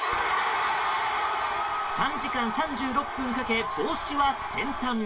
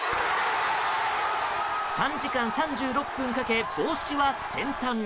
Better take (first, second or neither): second